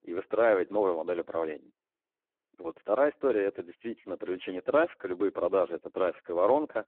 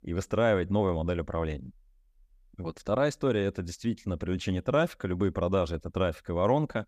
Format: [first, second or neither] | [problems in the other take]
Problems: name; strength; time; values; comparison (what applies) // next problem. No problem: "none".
second | phone-call audio; poor line